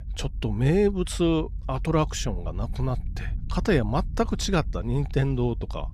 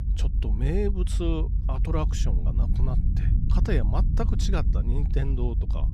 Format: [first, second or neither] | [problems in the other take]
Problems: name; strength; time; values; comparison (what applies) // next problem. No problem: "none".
first | low rumble; loud; throughout; 8 dB below the speech; faint in the first